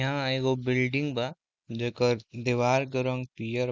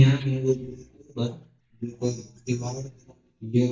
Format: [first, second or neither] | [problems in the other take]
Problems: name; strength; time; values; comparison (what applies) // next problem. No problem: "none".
first | noise reduction (neural mask model DeepFilterNet 3)